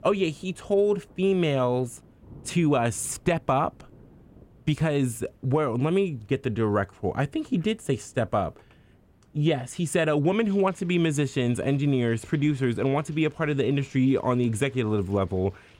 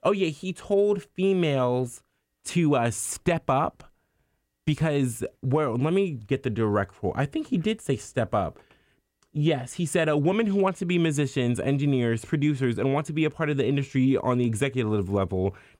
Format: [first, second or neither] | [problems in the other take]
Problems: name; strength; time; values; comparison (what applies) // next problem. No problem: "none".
second | rain or running water; faint; throughout; 30 dB below the speech